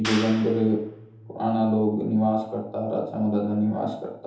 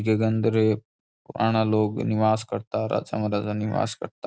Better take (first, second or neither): second